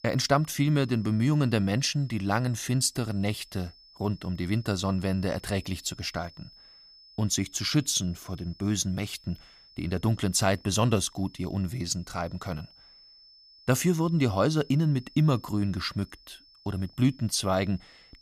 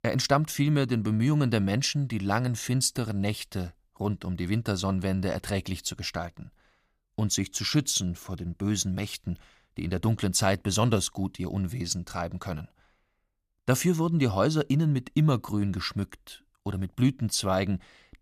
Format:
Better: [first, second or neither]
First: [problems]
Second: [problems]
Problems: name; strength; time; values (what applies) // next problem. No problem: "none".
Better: second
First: high-pitched whine; faint; throughout; 5.5 kHz, 25 dB below the speech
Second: none